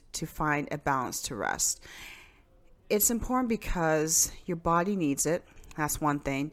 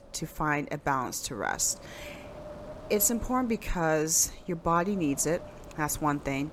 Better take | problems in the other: first | wind noise on the microphone; occasional gusts; 20 dB below the speech

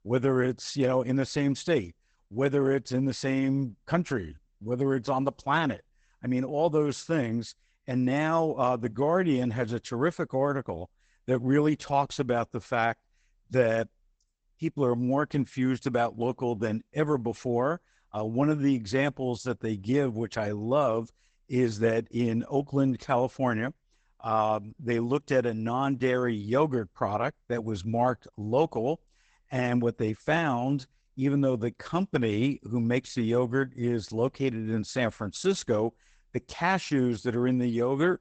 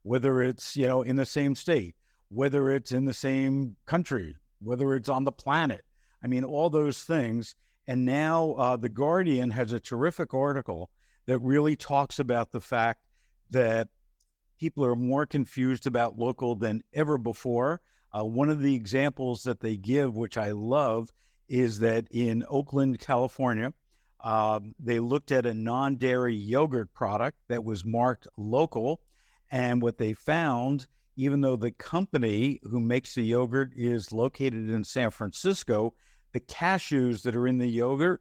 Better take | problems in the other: second | garbled, watery; badly; nothing above 8 kHz; slightly in the second

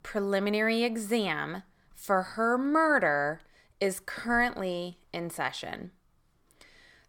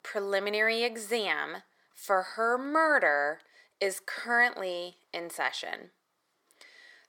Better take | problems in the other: first | thin; somewhat; fading below 450 Hz

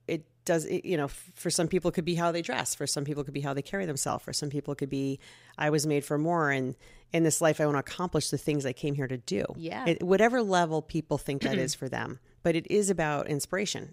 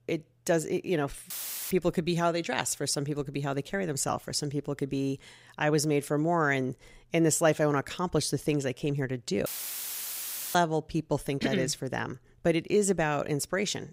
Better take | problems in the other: first | audio cutting out; filled with static; at 1.5 s and at 9.5 s for 1 s

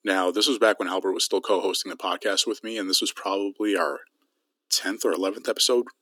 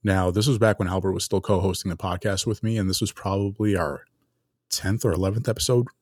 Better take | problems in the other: second | thin; somewhat; fading below 250 Hz

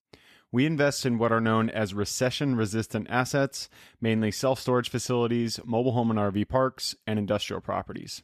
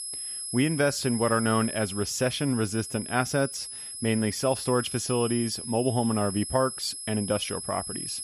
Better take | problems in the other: first | high-pitched whine; loud; throughout; 11 kHz, 7 dB below the speech

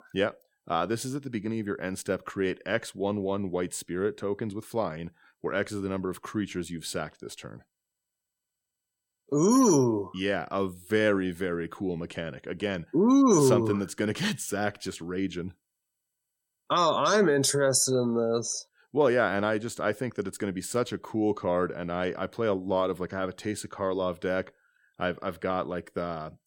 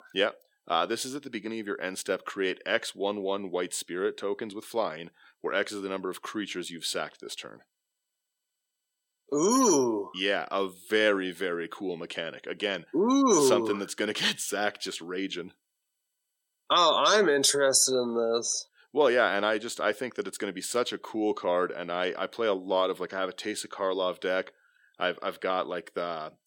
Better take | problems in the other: first | thin; very slightly; fading below 300 Hz

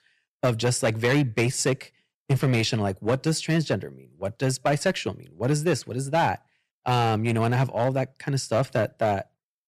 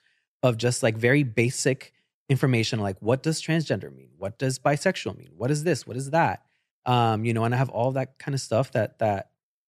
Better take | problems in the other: second | distortion; slight; 6% of the sound clipped

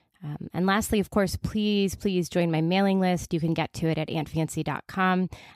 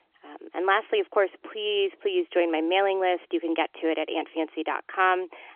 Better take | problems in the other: first | phone-call audio; nothing above 3.5 kHz

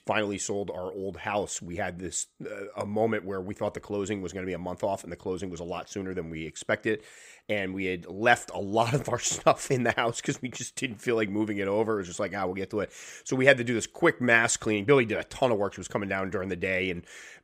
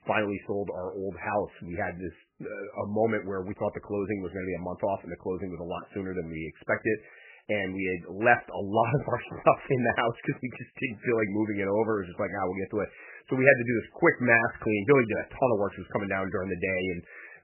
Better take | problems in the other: first | garbled, watery; badly; nothing above 2.5 kHz

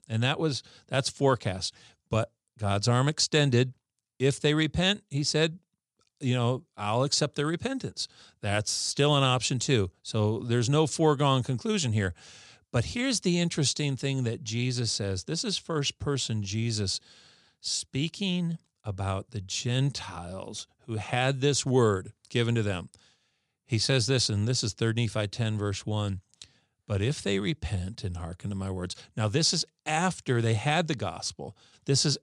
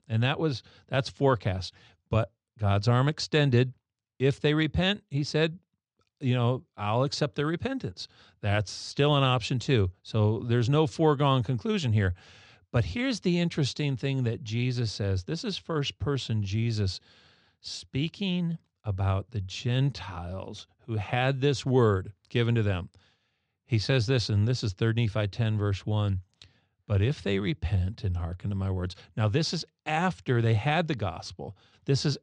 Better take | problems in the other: first | muffled; very slightly; fading above 3.5 kHz

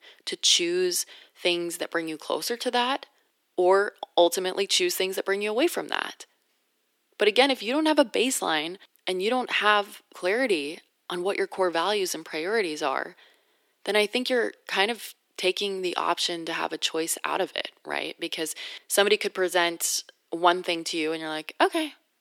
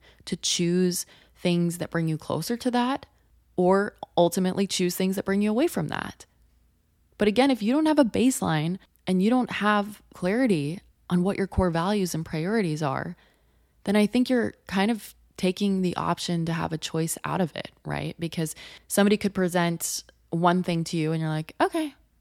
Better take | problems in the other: second | thin; somewhat; fading below 350 Hz

